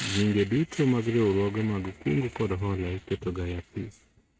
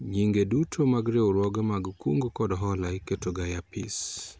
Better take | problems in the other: second | noise reduction (neural mask model RNNoise)

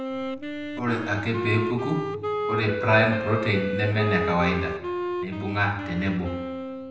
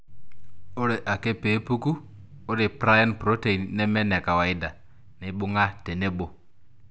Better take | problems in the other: second | background sound (Wind instrument, woodwind instrument); 4 dB below the speech // room echo; dies away in 0.8 s

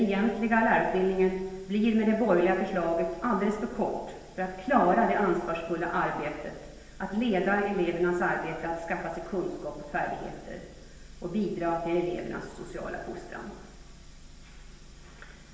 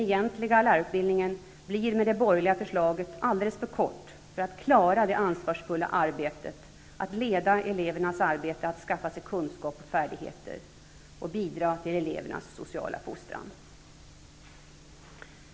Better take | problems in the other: second | room echo; dies away in 1.1 s

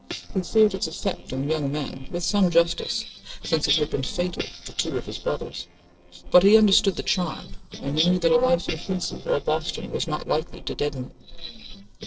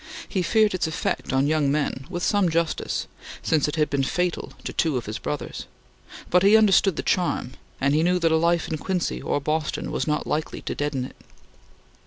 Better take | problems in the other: second | noise reduction (neural separator model SepFormer DNS4)

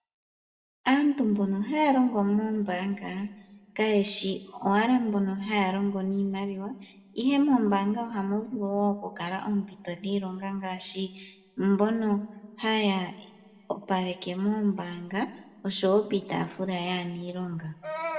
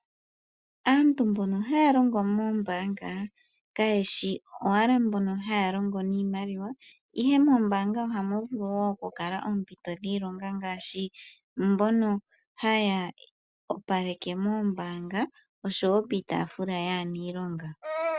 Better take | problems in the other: second | room echo; dies away in 1.1 s

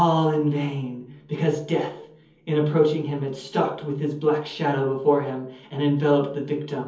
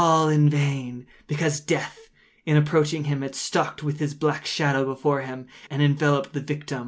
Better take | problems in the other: second | room echo; dies away in 0.7 s

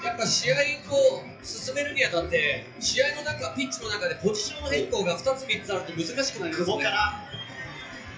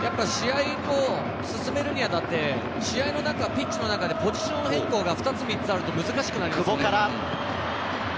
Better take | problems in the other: second | noise reduction (classical method WPE with log-MMSE)

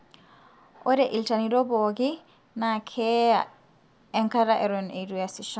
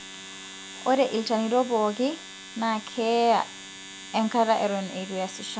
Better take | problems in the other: first | background sound (Domestic sounds, home sounds); 15 dB below the speech

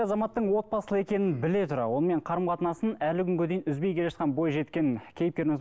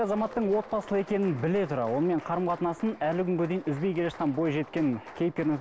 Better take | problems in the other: first | background sound (Applause); 19 dB below the speech

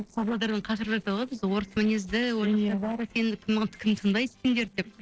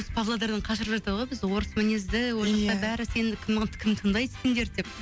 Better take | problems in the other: second | noise reduction (neural separator model SepFormer DNS4)

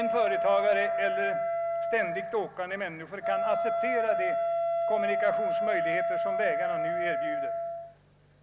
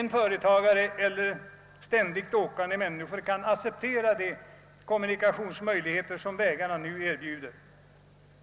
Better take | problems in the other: second | background sound (Wind instrument, woodwind instrument); 3 dB above the speech

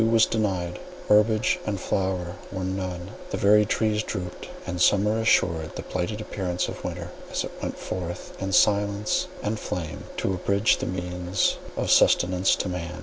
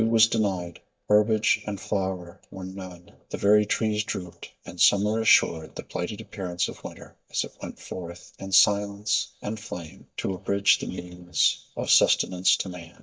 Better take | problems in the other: first | noise reduction (neural mask model DeepFilterNet 3)

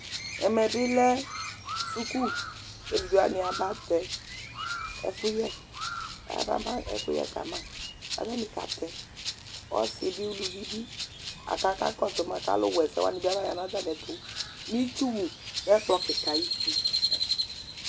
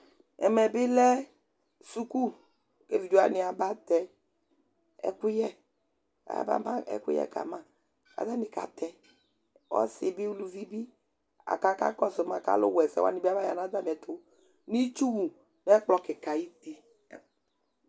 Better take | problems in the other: second | background sound (Crow + Rattle (instrument)); 5 dB below the speech

